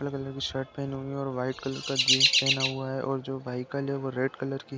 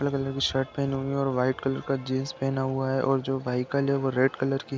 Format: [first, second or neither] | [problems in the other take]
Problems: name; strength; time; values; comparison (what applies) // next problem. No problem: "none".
second | background sound (Chirp, tweet); 3 dB above the speech